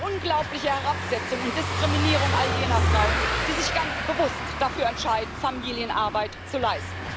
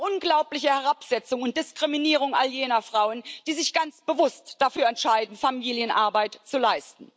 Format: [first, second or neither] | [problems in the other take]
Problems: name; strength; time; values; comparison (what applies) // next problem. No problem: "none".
second | background sound (Car passing by / Engine); as loud as the speech